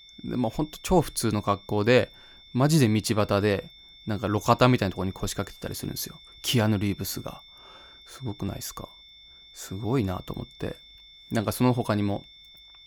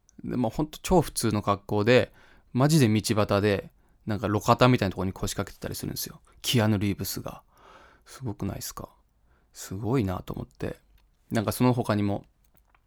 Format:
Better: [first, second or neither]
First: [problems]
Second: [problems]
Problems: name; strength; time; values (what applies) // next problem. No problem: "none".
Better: second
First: high-pitched whine; faint; throughout; 3.5 kHz, 20 dB below the speech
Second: none